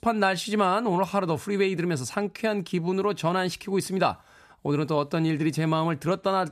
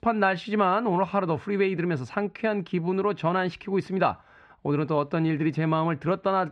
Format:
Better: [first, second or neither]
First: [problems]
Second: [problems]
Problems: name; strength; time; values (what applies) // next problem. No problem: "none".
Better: first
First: none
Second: muffled; slightly; fading above 2 kHz